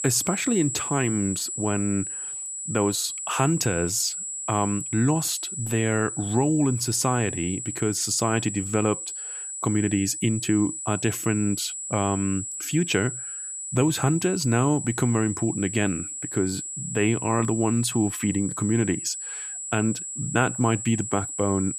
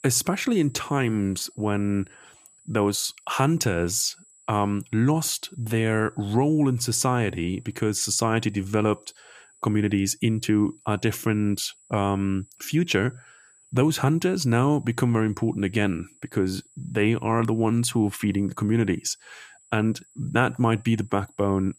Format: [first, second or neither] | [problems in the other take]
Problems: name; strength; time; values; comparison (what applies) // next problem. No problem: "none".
second | high-pitched whine; loud; throughout; 7.5 kHz, 5 dB below the speech; faint in the second